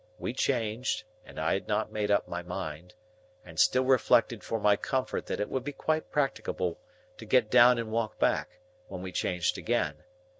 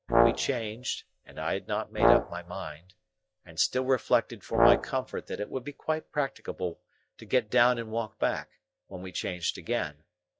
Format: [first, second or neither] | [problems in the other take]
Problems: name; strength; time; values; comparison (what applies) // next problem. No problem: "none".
first | noise reduction (classical method log-MMSE)